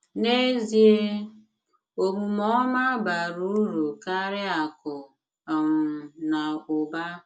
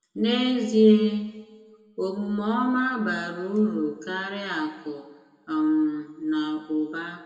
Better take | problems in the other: first | room echo; dies away in 1.2 s

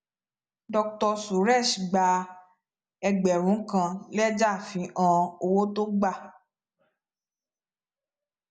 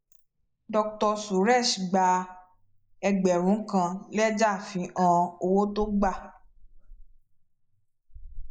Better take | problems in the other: first | noise reduction (neural mask model Resemble Enhance denoiser)

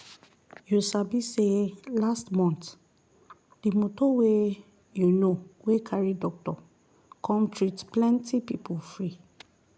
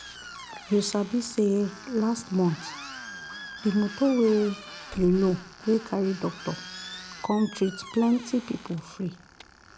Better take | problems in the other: first | background sound (Tools + Squeak); 15 dB below the speech

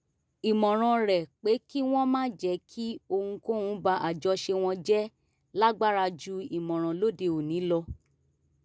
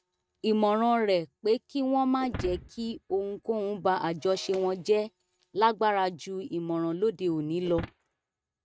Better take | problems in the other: first | noise reduction (neural mask model RNNoise)

